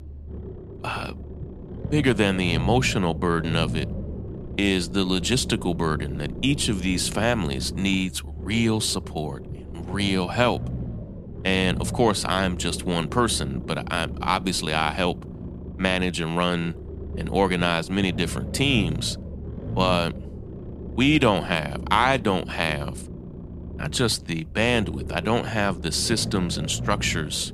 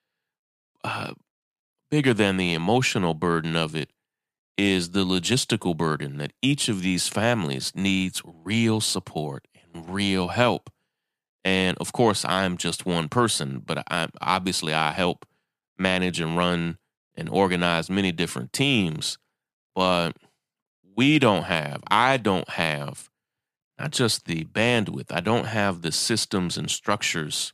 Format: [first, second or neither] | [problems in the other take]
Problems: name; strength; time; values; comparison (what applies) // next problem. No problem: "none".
second | low rumble; noticeable; throughout; 15 dB below the speech